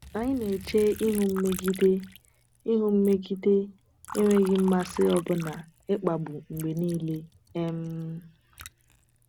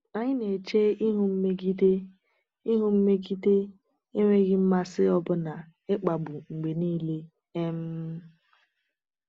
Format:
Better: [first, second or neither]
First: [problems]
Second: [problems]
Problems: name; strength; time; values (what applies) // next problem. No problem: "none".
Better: second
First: background sound (Liquid); 18 dB below the speech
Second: none